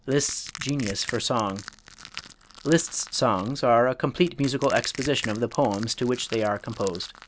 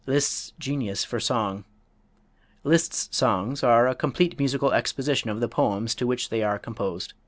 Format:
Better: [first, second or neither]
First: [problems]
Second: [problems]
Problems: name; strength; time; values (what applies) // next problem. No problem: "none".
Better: second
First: background sound (Crushing); 16 dB below the speech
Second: none